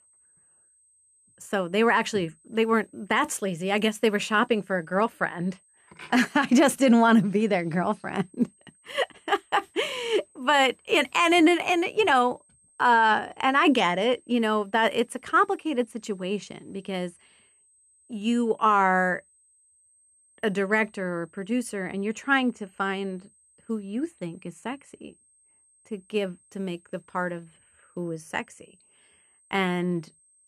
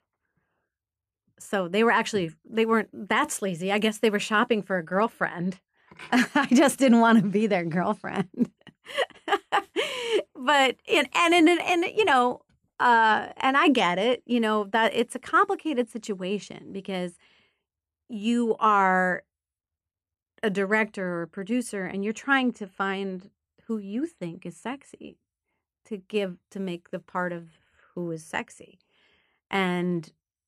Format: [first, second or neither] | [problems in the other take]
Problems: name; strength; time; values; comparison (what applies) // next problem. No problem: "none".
second | high-pitched whine; faint; throughout; 8 kHz, 35 dB below the speech